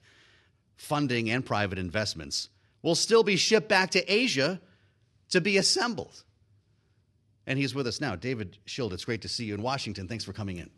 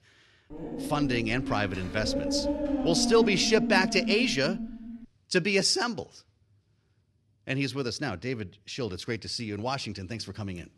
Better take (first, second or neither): first